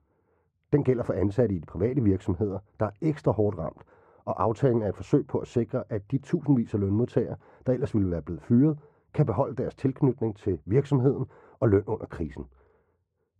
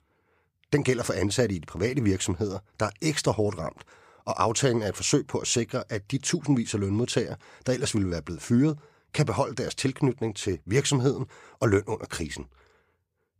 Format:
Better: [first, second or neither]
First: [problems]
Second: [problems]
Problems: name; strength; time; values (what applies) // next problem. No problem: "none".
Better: second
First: muffled; very; fading above 2 kHz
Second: none